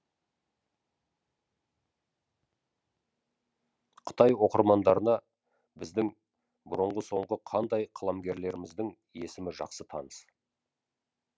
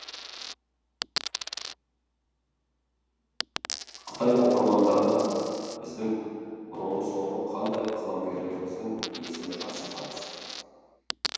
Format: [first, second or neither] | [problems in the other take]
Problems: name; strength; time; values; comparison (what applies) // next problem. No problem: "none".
first | background sound (Coin (dropping)); 11 dB below the speech // room echo; dies away in 2.1 s